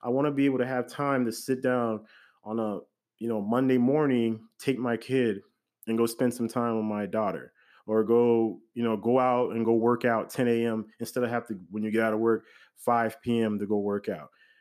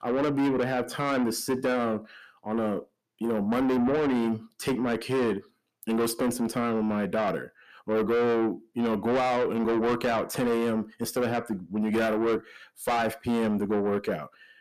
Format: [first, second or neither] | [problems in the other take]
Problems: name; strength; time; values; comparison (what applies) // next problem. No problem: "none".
first | distortion; heavy; 7 dB below the speech